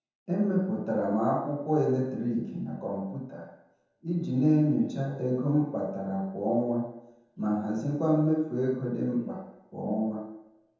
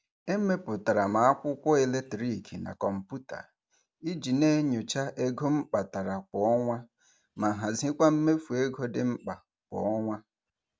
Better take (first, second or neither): second